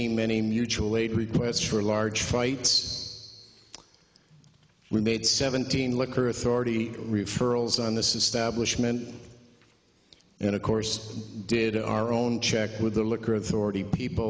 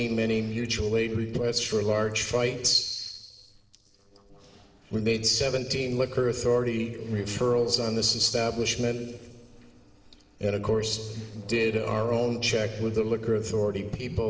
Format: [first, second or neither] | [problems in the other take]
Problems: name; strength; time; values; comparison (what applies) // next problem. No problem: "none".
first | noise reduction (neural separator model SepFormer DNS4)